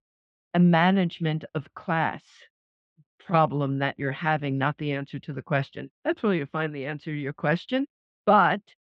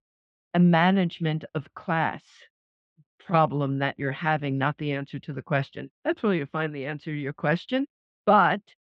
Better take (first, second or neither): neither